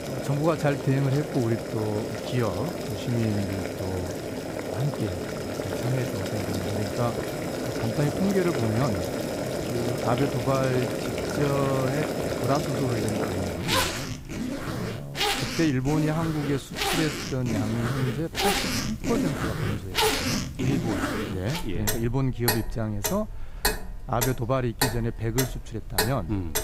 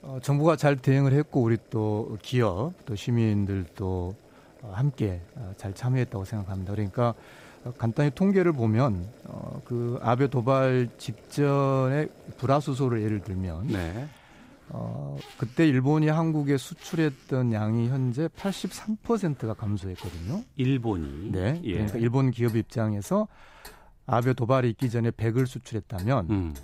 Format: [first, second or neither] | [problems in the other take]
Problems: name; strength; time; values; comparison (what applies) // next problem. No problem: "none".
second | household noises; loud; throughout; as loud as the speech; faint in the second